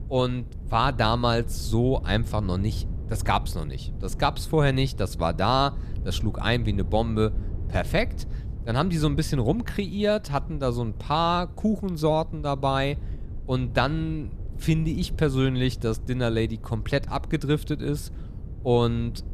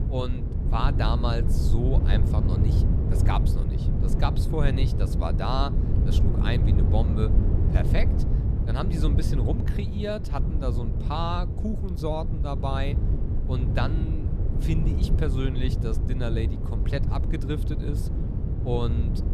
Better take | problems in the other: first | wind noise on the microphone; heavy; 5 dB below the speech; occasional gusts in the first

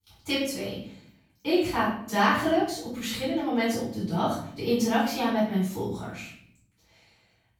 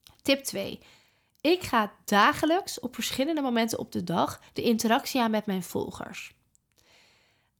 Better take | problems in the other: second | off-mic speech; far // room echo; noticeable; dies away in 0.6 s

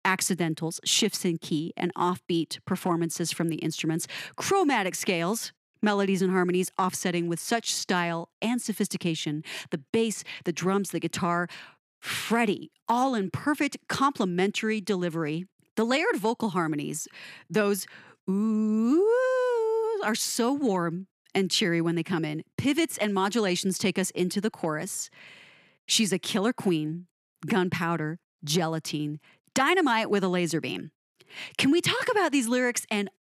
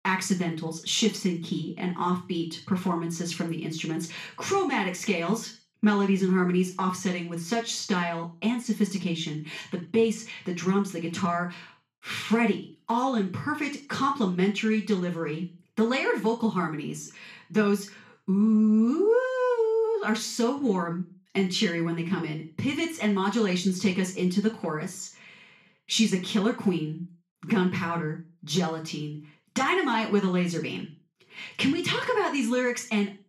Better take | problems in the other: first | room echo; slight; dies away in 0.3 s // off-mic speech; far

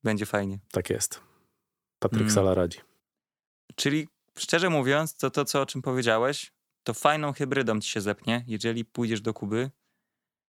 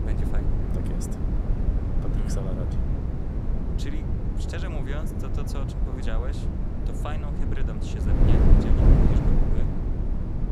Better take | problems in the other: first | wind noise on the microphone; heavy; 5 dB above the speech

